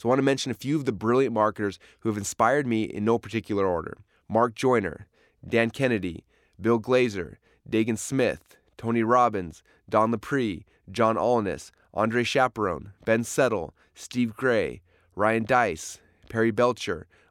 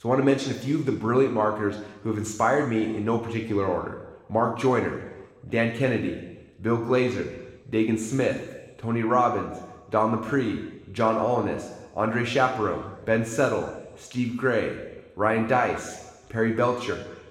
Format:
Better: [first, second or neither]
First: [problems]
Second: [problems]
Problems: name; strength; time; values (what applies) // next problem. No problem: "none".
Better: first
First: none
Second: room echo; noticeable; dies away in 1.1 s // off-mic speech; somewhat distant